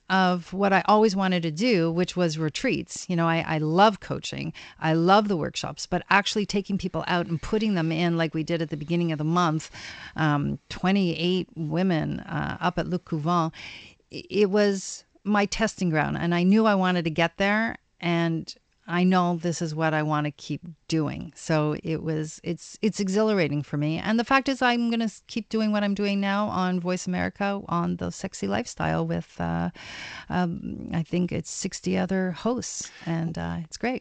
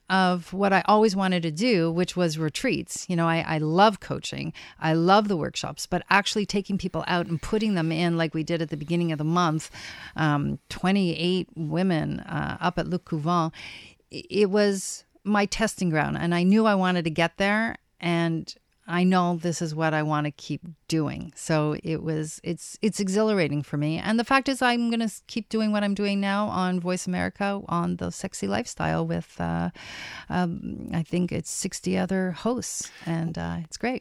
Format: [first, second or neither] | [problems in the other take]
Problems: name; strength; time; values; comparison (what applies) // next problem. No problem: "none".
second | garbled, watery; slightly; nothing above 8 kHz